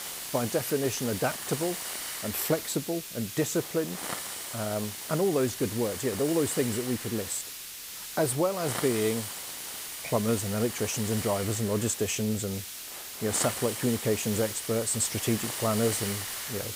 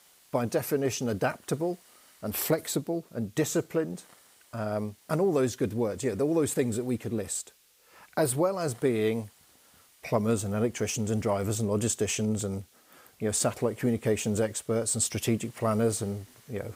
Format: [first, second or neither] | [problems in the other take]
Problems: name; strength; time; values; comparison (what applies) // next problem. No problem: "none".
second | hiss; loud; throughout; 5 dB below the speech; faint in the second